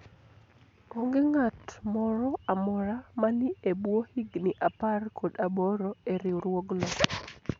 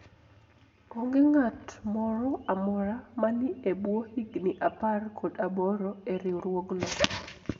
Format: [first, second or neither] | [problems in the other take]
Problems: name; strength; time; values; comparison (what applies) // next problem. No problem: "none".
first | room echo; dies away in 1.5 s